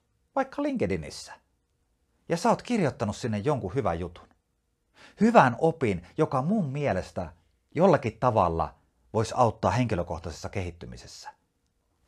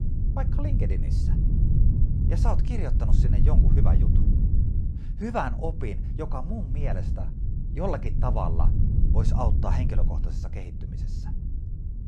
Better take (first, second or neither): first